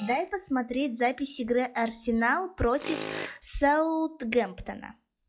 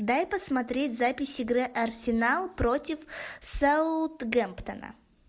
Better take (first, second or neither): second